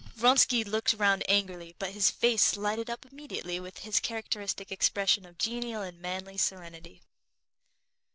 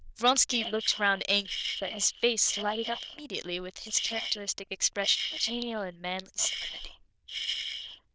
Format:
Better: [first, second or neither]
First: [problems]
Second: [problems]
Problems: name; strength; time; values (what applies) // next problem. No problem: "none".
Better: first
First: none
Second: noise reduction (neural diffusion model UNIVERSE++)